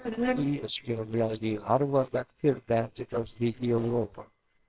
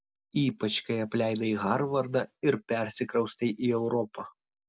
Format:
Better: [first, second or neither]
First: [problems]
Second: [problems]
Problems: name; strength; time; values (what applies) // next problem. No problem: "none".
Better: second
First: noise reduction (neural separator model SepFormer WHAMR!)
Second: none